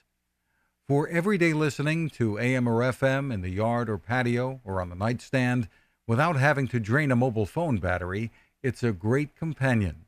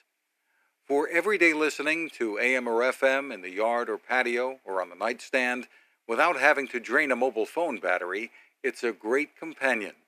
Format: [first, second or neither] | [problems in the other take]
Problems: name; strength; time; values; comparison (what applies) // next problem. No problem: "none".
first | thin; somewhat; fading below 300 Hz